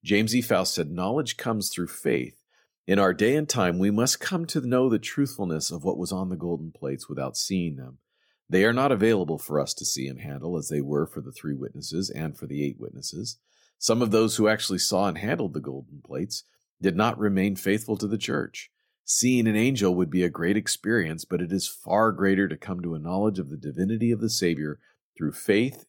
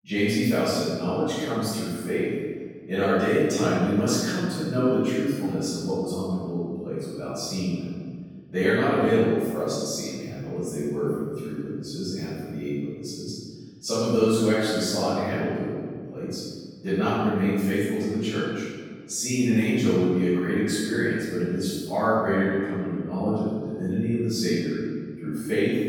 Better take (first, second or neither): first